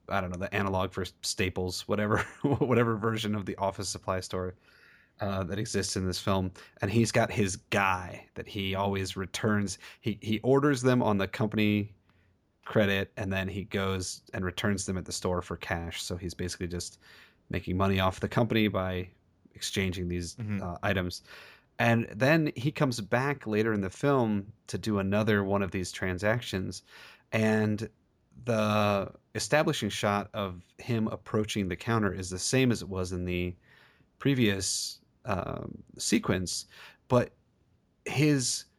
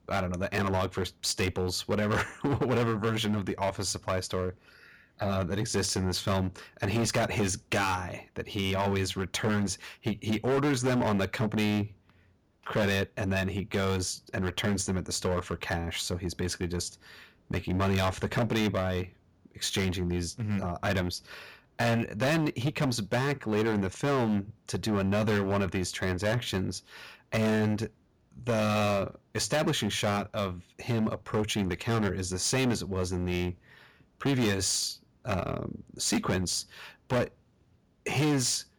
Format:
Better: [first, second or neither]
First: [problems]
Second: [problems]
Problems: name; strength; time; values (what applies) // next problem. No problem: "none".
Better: first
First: none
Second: distortion; heavy; 11% of the sound clipped